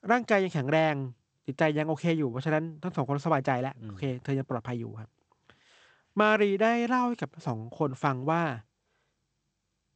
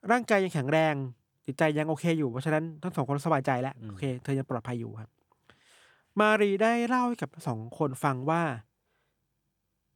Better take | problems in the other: second | garbled, watery; slightly; nothing above 8 kHz

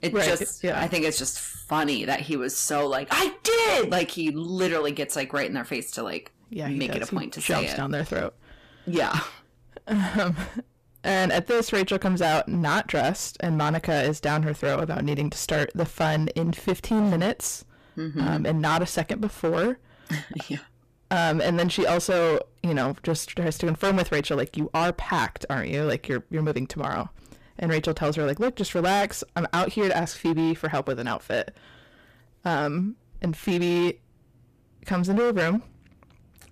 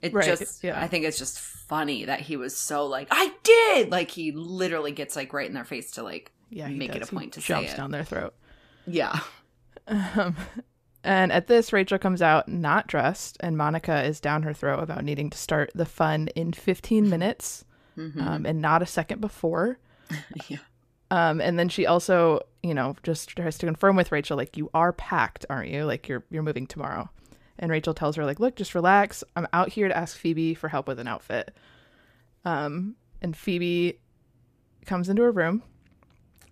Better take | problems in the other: second | distortion; heavy; 12% of the sound clipped

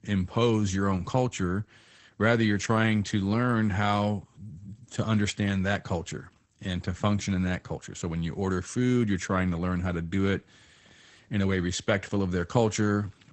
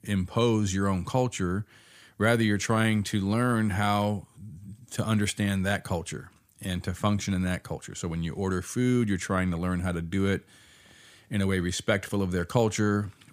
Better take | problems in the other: second | garbled, watery; slightly; nothing above 8 kHz

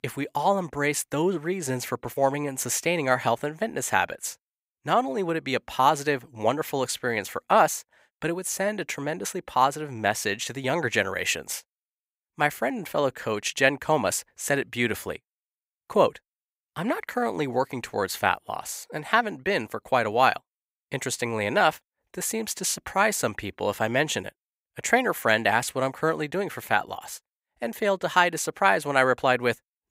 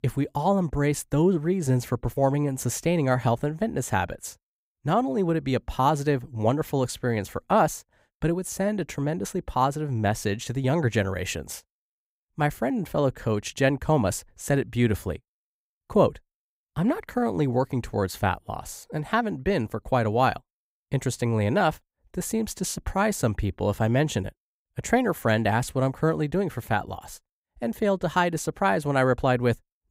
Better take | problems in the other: second | thin; somewhat; fading below 700 Hz

